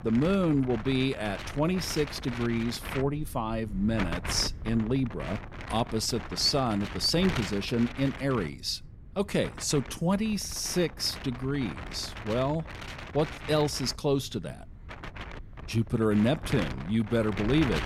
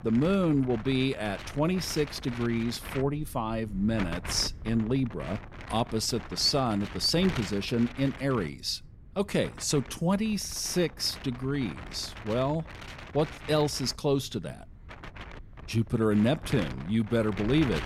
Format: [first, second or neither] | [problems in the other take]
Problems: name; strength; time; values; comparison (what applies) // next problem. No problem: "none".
second | wind noise on the microphone; heavy; 9 dB below the speech; occasional gusts in the second